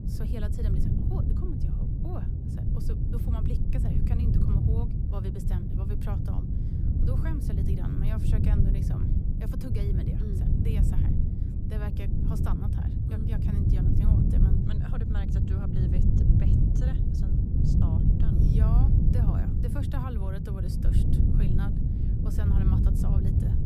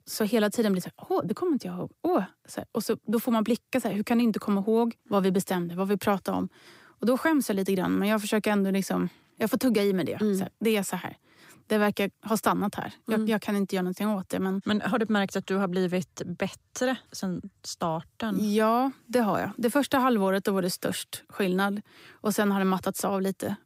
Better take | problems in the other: second | wind noise on the microphone; heavy; 5 dB above the speech

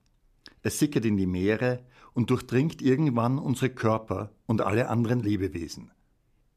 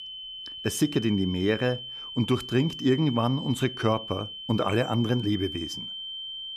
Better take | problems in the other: first | high-pitched whine; loud; throughout; 3 kHz, 9 dB below the speech

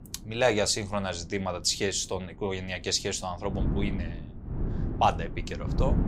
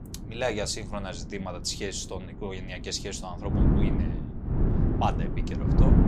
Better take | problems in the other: first | wind noise on the microphone; heavy; 2 dB below the speech; occasional gusts in the first

